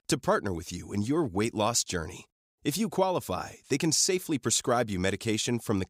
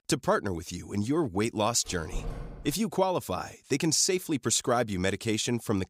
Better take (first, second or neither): first